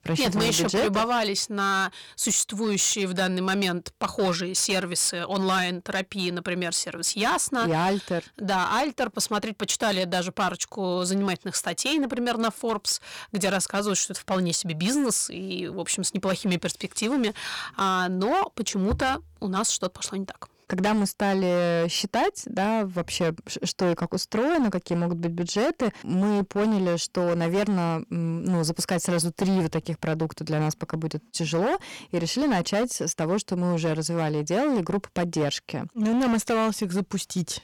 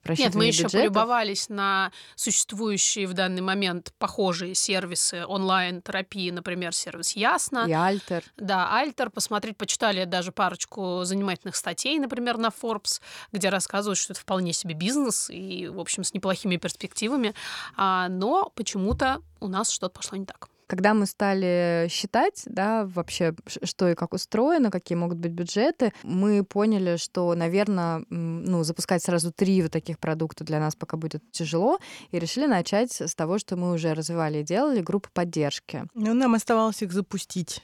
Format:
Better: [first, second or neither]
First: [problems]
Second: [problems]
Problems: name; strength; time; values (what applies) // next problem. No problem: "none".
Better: second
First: distortion; slight; 12% of the sound clipped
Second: none